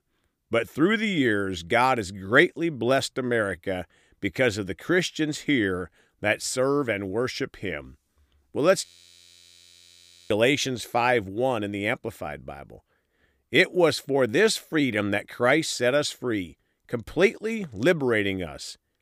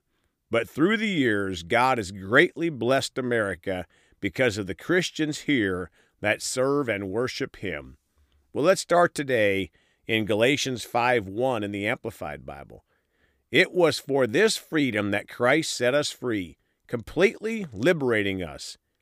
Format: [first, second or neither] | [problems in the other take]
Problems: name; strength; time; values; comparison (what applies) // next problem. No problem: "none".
second | audio freezing; at 9 s for 1.5 s